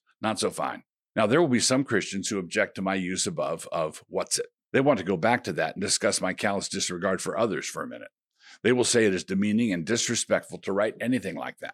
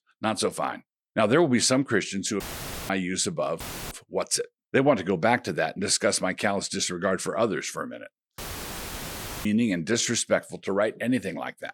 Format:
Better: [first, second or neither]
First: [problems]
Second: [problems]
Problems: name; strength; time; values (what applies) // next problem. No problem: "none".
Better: first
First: none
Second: audio cutting out; filled with static; at 2.5 s, at 3.5 s and at 8.5 s for 1 s